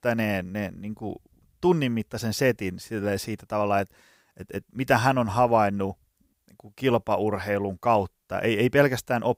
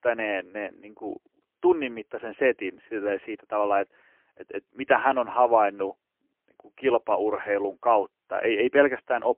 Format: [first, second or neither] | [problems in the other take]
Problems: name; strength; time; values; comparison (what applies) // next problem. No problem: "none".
first | phone-call audio; poor line; nothing above 3 kHz